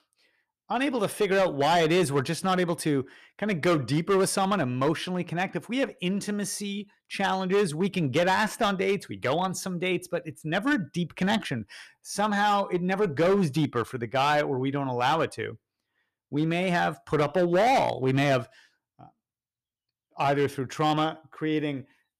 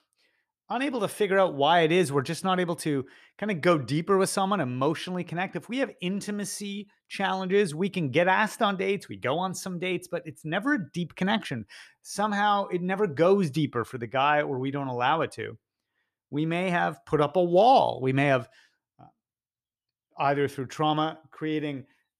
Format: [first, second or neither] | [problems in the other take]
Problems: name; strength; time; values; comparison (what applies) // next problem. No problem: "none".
second | distortion; slight; 7% of the sound clipped